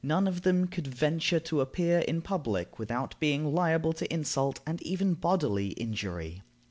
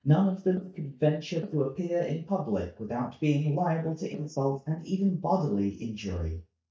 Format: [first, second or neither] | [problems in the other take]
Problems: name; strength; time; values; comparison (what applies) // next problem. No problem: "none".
first | noise reduction (neural mask model DeepFilterNet 3)